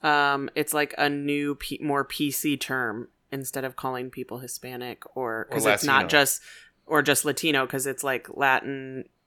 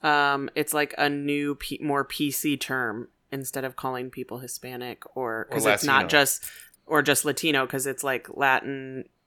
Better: first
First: none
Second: jangling keys; faint; at 6.5 s; peak 15 dB below the speech

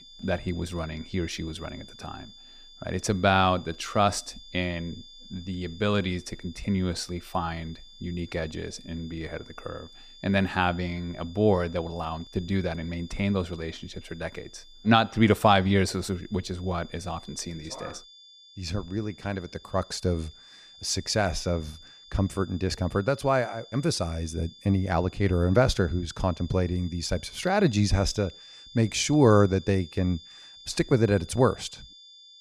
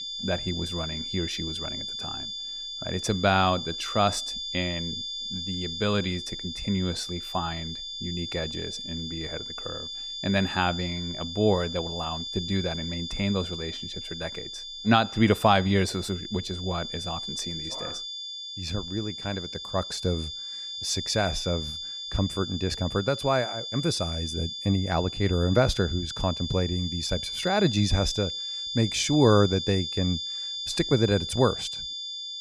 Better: first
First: high-pitched whine; faint; throughout; 3.5 kHz, 20 dB below the speech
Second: high-pitched whine; loud; throughout; 3.5 kHz, 5 dB below the speech

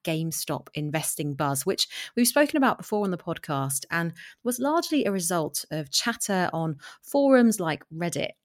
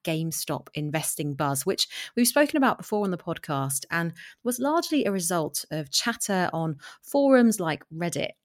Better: neither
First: none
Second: none

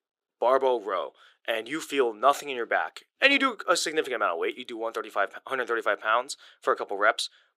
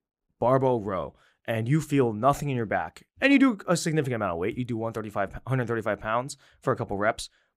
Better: second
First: thin; somewhat; fading below 400 Hz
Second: none

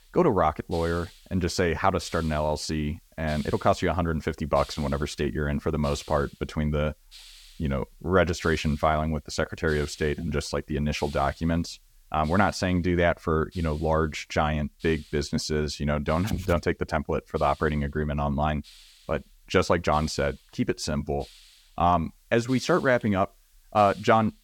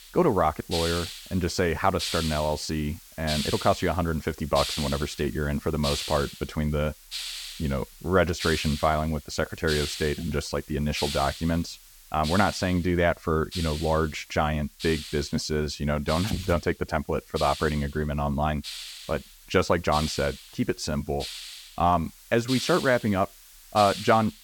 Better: first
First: hiss; faint; throughout; 20 dB below the speech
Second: hiss; loud; throughout; 8 dB below the speech

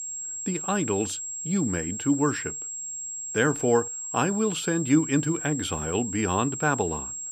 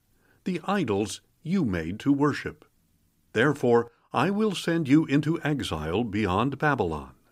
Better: second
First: high-pitched whine; loud; throughout; 7.5 kHz, 5 dB below the speech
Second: none

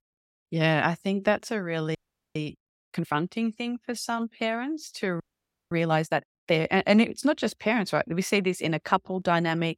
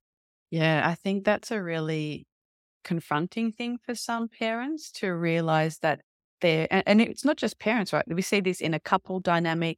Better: second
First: audio freezing; at 2 s and at 5 s for 0.5 s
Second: none

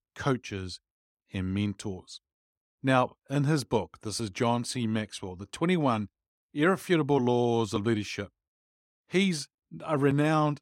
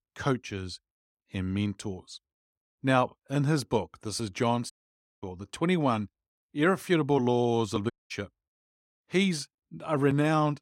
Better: first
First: none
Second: audio cutting out; at 4.5 s for 0.5 s and at 8 s

